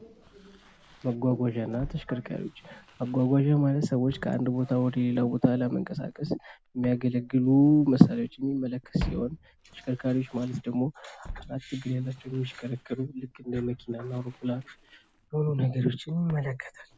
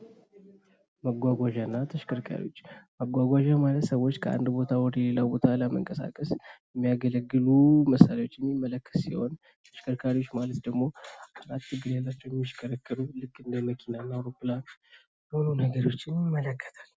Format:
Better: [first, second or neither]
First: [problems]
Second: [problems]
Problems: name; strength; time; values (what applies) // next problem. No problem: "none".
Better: second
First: background sound (Walk, footsteps); 19 dB below the speech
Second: none